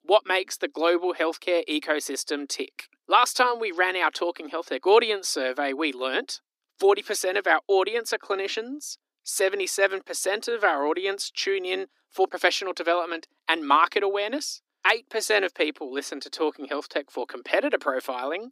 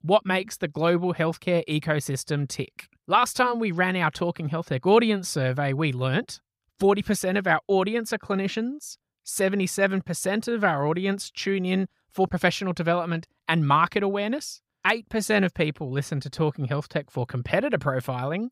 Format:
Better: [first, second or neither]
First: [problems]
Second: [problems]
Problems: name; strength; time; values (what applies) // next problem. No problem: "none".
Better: second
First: thin; somewhat; fading below 250 Hz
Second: none